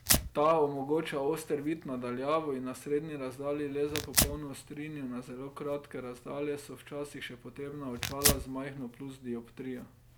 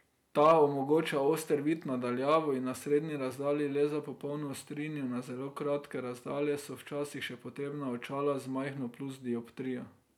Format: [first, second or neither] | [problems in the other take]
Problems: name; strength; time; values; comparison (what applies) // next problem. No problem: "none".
second | background sound (Tearing); 3 dB below the speech